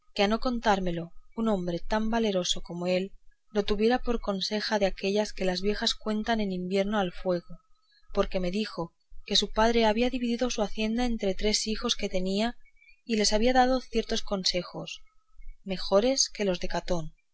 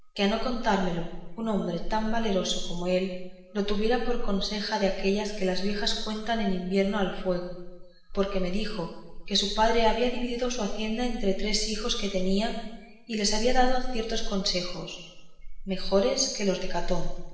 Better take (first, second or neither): first